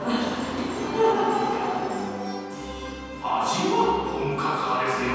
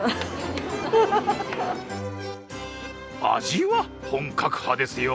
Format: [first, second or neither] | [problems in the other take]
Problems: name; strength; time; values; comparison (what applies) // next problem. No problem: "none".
second | room echo; dies away in 2.1 s